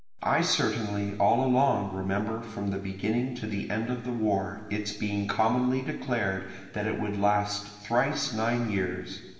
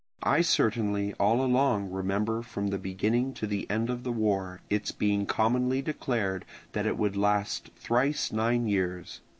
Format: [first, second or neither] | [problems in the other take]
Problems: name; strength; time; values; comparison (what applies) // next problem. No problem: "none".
second | room echo; dies away in 1.4 s